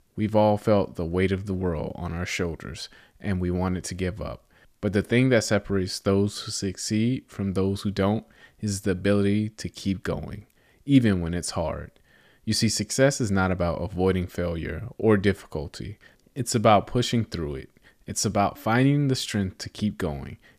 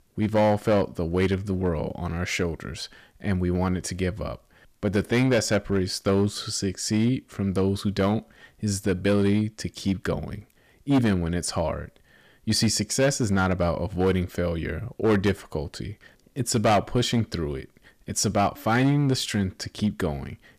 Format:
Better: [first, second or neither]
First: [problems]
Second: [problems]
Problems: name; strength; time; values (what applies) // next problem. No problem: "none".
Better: first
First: none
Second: distortion; slight; 4% of the sound clipped